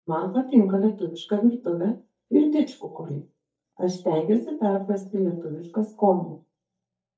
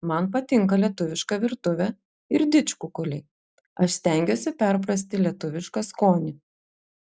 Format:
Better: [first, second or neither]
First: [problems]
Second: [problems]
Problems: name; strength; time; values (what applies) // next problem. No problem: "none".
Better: second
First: noise reduction (neural mask model DeepFilterNet 3)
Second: none